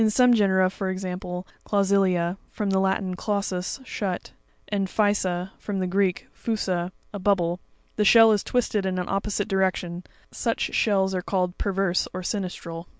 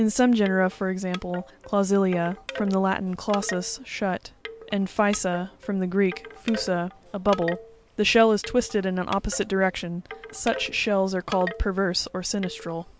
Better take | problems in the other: first | background sound (Wind chime / Wood); 16 dB below the speech

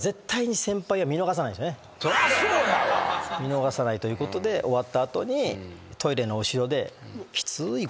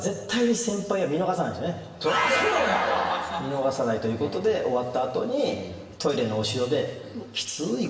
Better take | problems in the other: first | room echo; dies away in 1.2 s

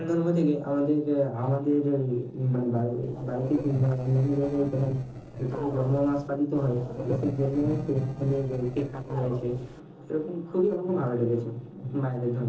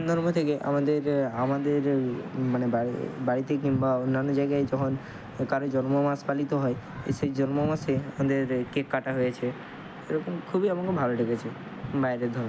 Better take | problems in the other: second | noise reduction (neural separator model SepFormer DNS4)

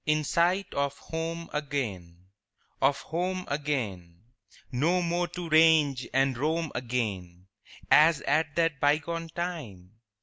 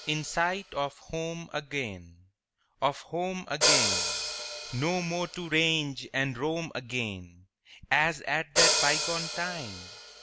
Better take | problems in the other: first | background sound (Hi-hat); 2 dB below the speech

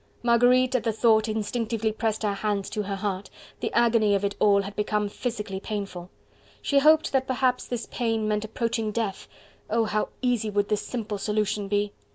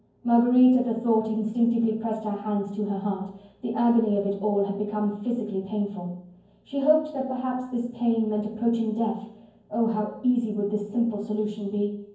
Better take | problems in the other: first | room echo; dies away in 0.9 s

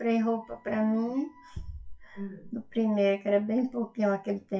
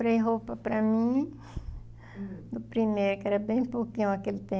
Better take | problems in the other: second | noise reduction (classical method WPE with log-MMSE)

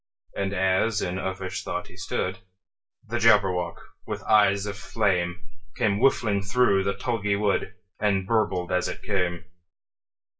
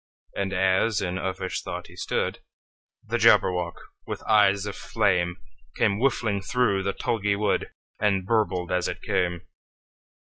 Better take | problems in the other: second | room echo; dies away in 0.2 s

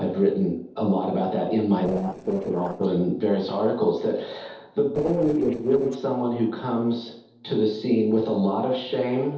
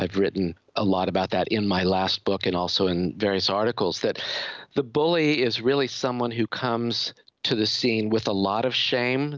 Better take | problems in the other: second | noise reduction (neural separator model SepFormer DNS4)

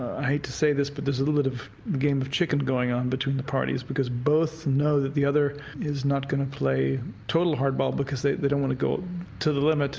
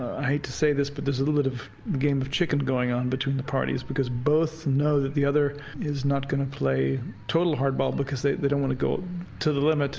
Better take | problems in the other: first | background sound (Meow); 18 dB below the speech

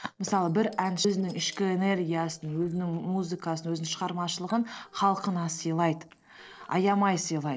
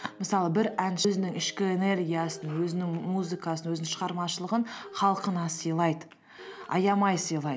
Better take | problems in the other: second | noise reduction (neural separator model SepFormer DNS4)

